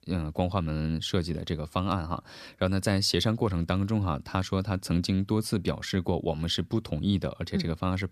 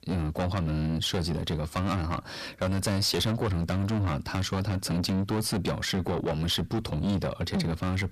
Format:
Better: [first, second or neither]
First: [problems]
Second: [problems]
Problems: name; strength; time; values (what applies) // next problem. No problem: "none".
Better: first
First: none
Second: distortion; heavy; 6 dB below the speech